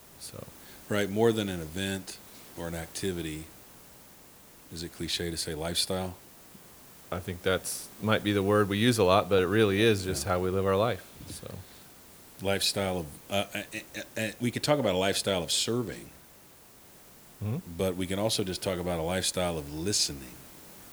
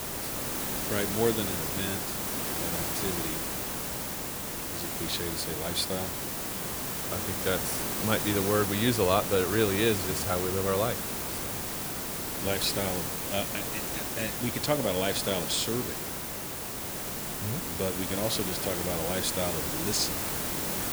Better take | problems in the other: first | hiss; loud; throughout; as loud as the speech; faint in the first

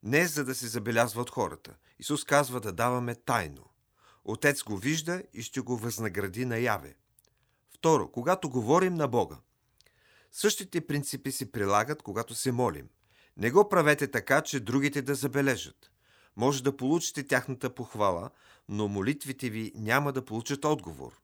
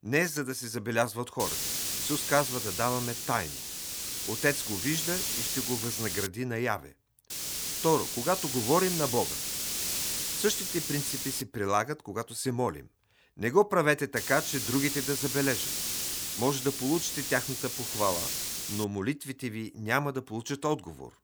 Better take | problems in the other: first | hiss; loud; from 1.5 to 6.5 s, from 7.5 to 11 s and from 14 to 19 s; as loud as the speech

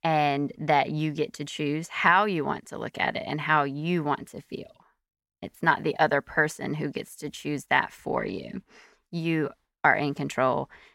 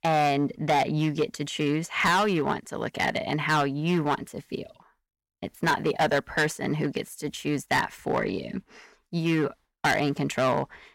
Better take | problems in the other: first | distortion; heavy; 6% of the sound clipped

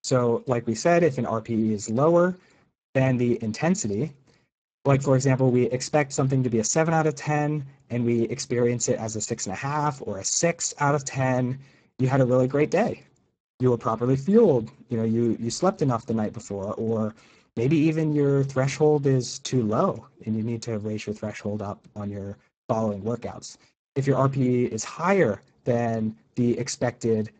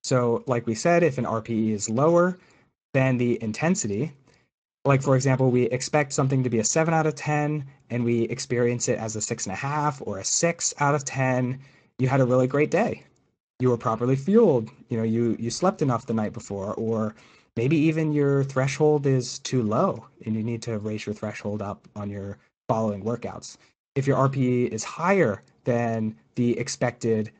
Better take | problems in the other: second | garbled, watery; badly; nothing above 7.5 kHz; slightly in the second

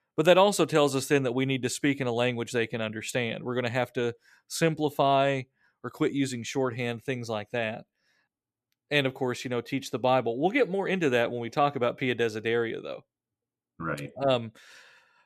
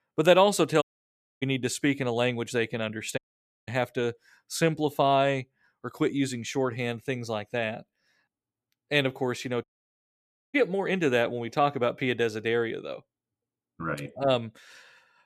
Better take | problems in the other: first | audio cutting out; at 1 s for 0.5 s, at 3 s and at 9.5 s for 1 s

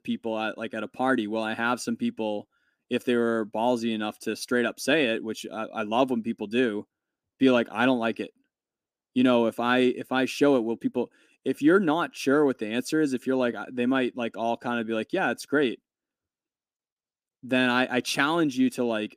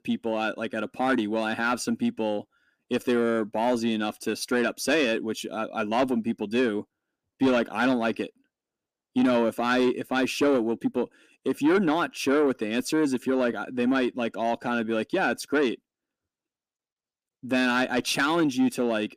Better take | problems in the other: first | distortion; slight; 10 dB below the speech

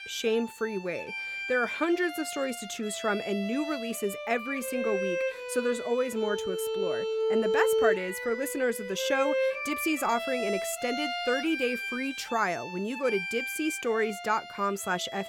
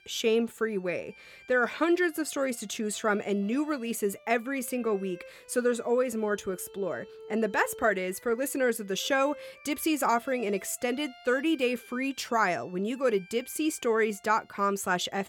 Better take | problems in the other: second | background music; loud; throughout; 2 dB below the speech; faint in the second

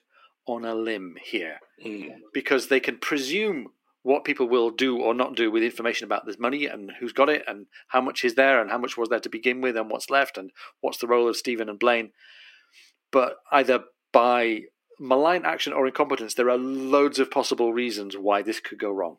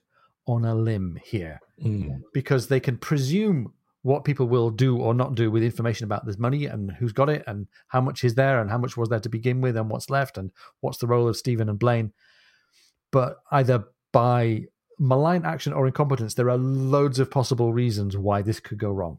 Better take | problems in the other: second | thin; somewhat; fading below 250 Hz

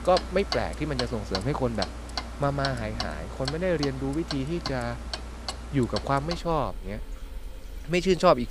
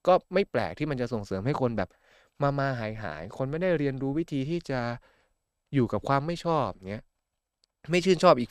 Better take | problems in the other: second | household noises; loud; throughout; 8 dB below the speech

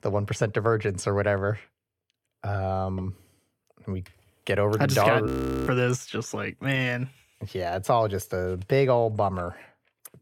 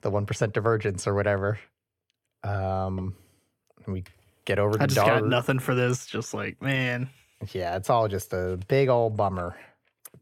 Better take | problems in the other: second | audio freezing; at 5.5 s

